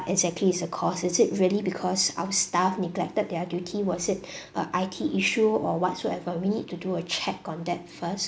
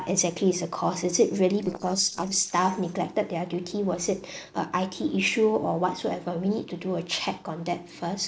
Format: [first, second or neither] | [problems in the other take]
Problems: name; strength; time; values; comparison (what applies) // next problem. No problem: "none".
first | noise reduction (neural separator model SepFormer DNS4)